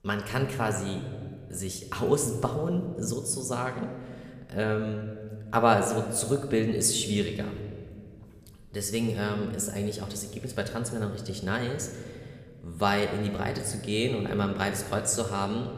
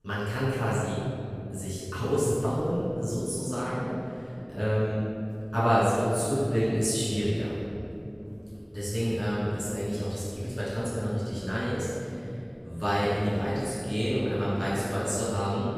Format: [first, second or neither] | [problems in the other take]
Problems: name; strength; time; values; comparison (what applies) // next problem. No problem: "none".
first | room echo; strong; dies away in 3 s; slight in the first // off-mic speech; far